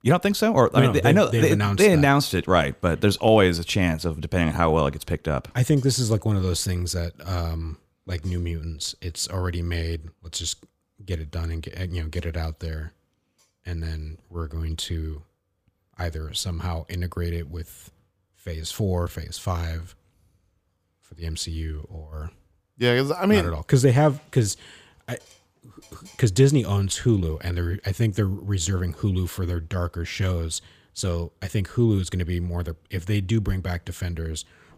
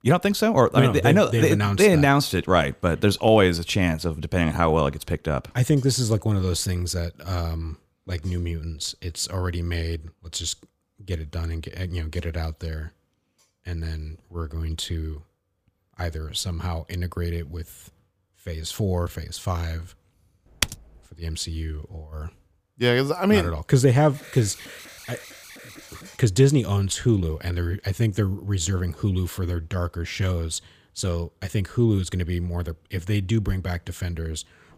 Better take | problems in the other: first | keyboard typing; very faint; at 21 s; peak 3 dB below the speech // alarm; faint; from 24 to 26 s; peak 15 dB below the speech

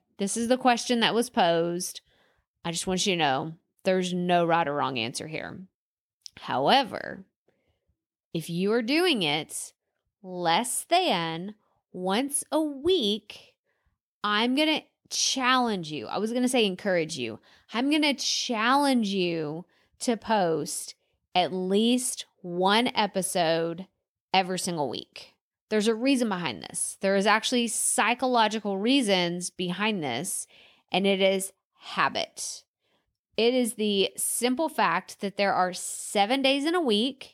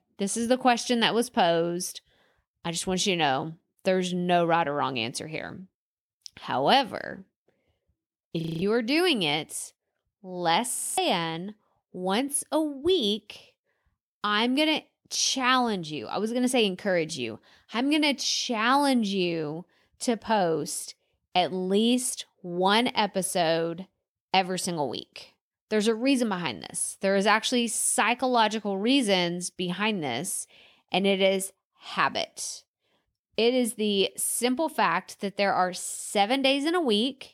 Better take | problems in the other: first | audio freezing; at 8.5 s and at 11 s

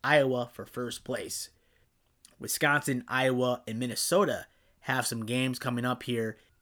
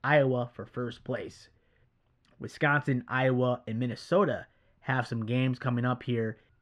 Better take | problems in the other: first | muffled; slightly; fading above 2.5 kHz

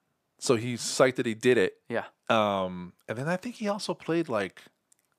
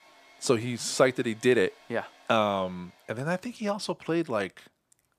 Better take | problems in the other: first | household noises; faint; throughout; 25 dB below the speech

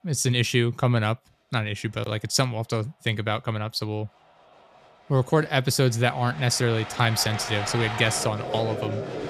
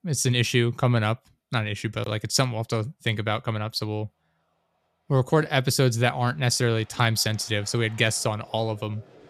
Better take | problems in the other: second | crowd noise; loud; throughout; 8 dB below the speech; faint in the second

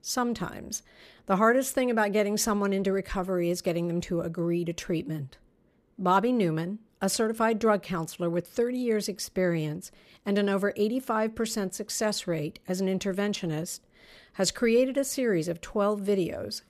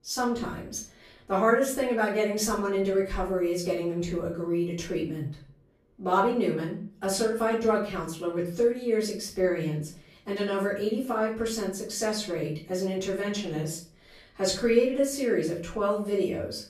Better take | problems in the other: first | off-mic speech; far // room echo; slight; dies away in 0.4 s

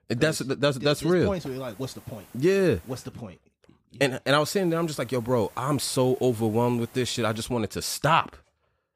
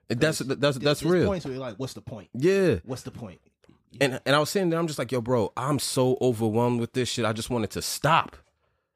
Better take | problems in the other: second | hiss; faint; from 1.5 to 3 s and from 4.5 to 7.5 s; 25 dB below the speech

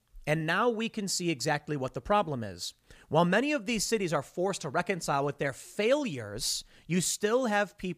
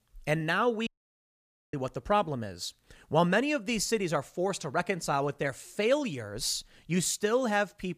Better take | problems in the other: first | audio cutting out; at 1 s for 1 s

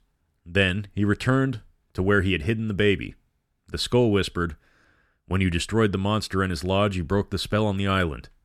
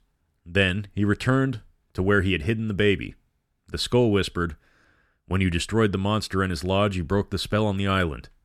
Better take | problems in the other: neither | none

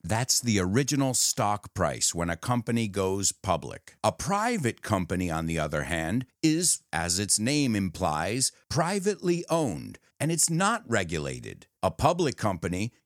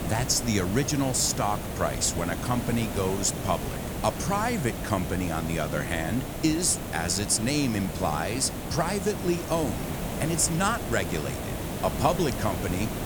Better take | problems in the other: first | hiss; loud; throughout; 6 dB below the speech

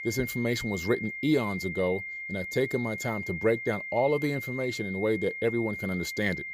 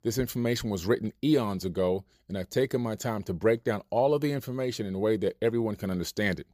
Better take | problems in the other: second | high-pitched whine; loud; throughout; 2 kHz, 6 dB below the speech

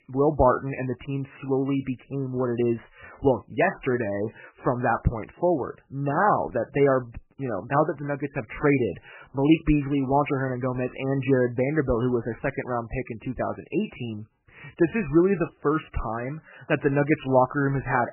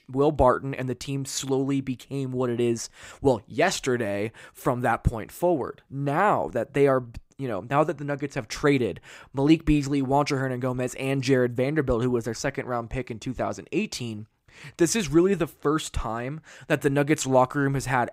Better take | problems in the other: second | garbled, watery; badly; nothing above 3 kHz

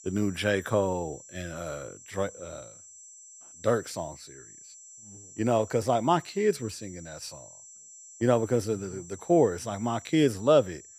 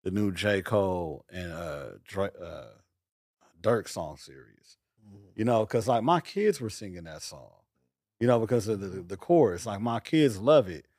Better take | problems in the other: second | high-pitched whine; noticeable; throughout; 7.5 kHz, 20 dB below the speech

